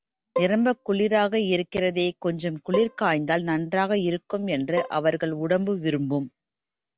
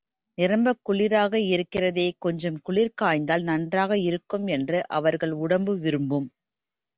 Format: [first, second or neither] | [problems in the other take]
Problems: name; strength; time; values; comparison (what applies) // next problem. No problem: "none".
second | background sound (Bowed string instrument); 12 dB below the speech